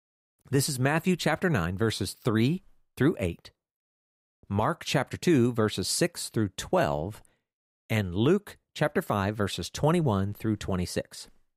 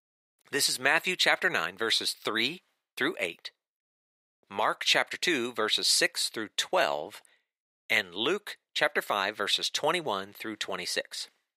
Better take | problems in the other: first | thin; very; fading below 500 Hz

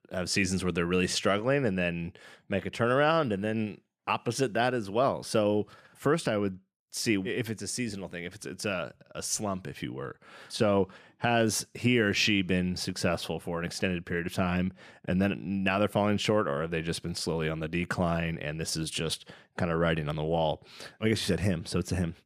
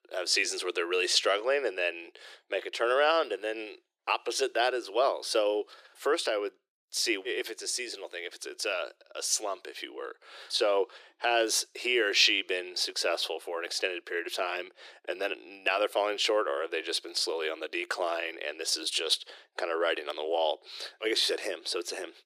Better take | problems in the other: first | thin; very; fading below 350 Hz

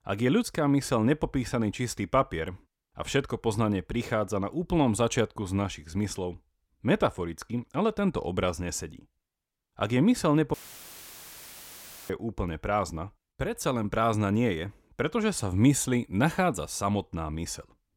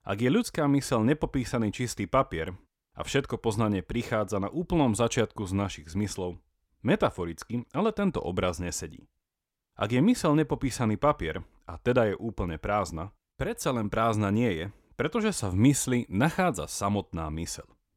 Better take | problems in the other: second | audio cutting out; filled with static; at 11 s for 1.5 s

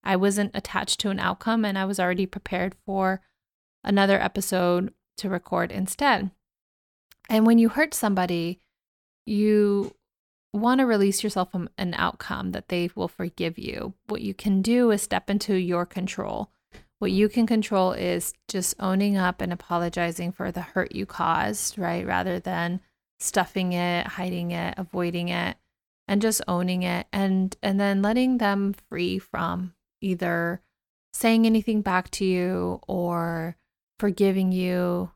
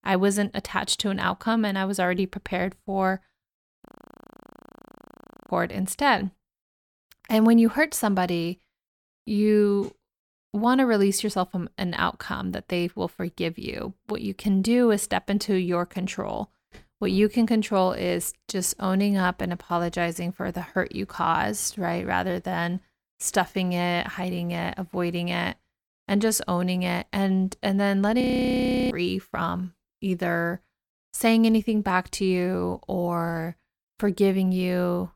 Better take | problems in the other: first | audio freezing; at 4 s for 1.5 s and at 28 s for 0.5 s

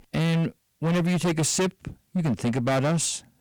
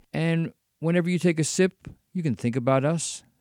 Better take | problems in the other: second | distortion; heavy; 21% of the sound clipped

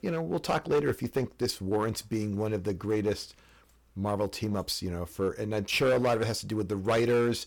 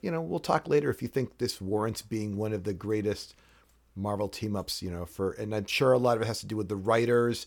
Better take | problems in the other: second | distortion; slight; 7% of the sound clipped

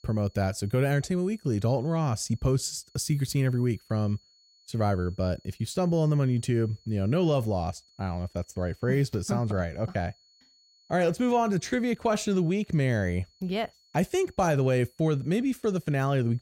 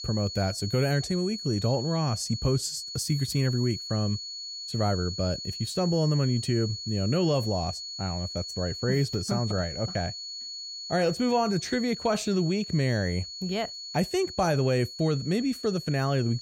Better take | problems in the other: first | high-pitched whine; loud; throughout; 4.5 kHz, 8 dB below the speech; faint in the first

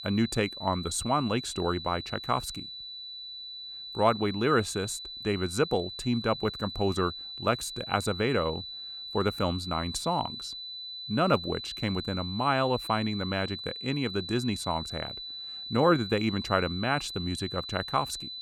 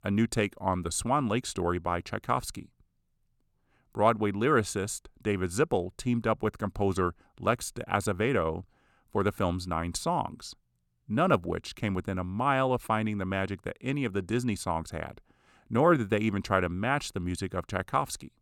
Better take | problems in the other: second | high-pitched whine; loud; throughout; 4 kHz, 8 dB below the speech

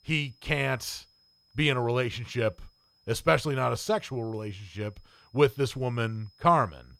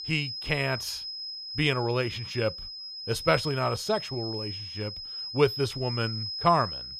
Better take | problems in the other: first | high-pitched whine; loud; throughout; 5 kHz, 6 dB below the speech; faint in the first

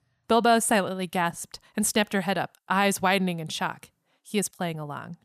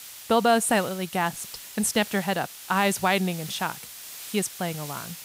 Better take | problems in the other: first | hiss; noticeable; throughout; 15 dB below the speech

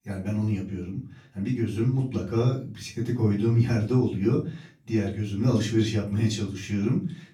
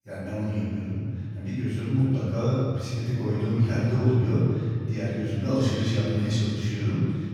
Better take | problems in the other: first | room echo; strong; dies away in 3 s; slight in the first // off-mic speech; far; far in the first

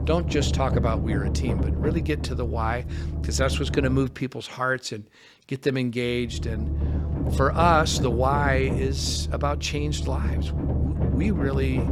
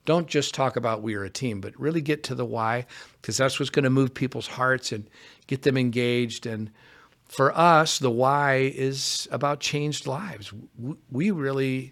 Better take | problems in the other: second | low rumble; noticeable; until 4 s and from 6 s on; 10 dB below the speech

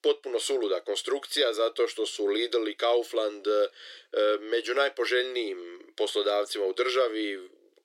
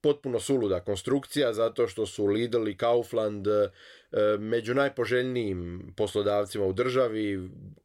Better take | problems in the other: second | thin; very; fading below 300 Hz

